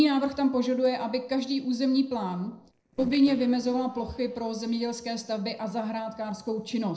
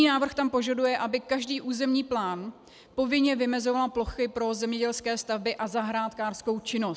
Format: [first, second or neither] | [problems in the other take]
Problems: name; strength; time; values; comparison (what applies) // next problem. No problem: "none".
second | noise reduction (neural separator model SepFormer DNS4)